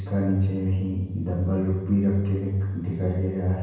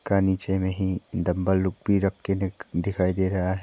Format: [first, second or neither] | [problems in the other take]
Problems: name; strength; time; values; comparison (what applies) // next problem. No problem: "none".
second | room echo; dies away in 1 s